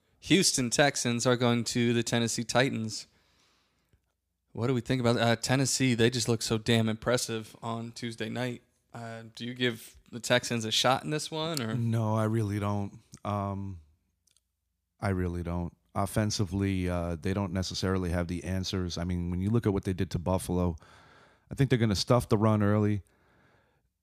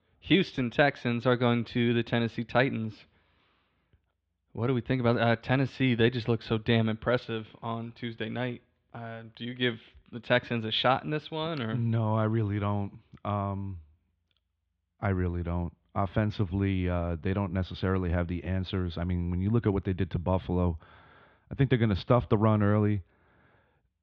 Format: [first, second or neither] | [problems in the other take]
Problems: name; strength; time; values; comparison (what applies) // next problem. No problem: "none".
first | muffled; very; fading above 3.5 kHz